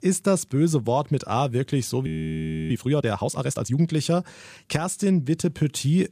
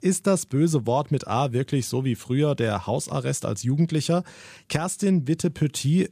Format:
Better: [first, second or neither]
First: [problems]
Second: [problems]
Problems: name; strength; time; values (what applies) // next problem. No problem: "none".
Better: second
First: audio freezing; at 2 s for 0.5 s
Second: none